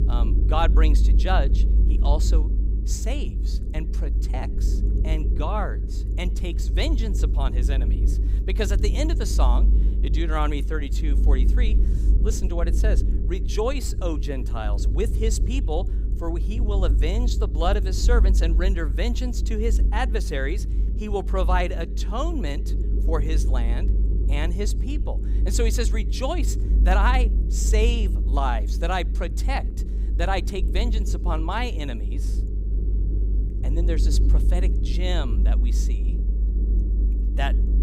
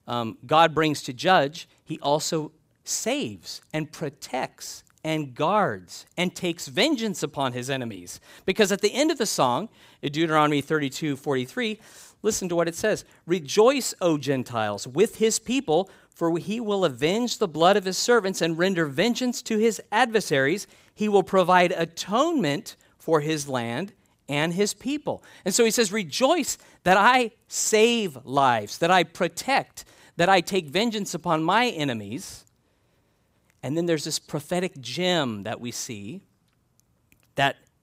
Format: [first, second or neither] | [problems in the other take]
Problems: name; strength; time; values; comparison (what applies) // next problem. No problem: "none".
second | low rumble; noticeable; throughout; 10 dB below the speech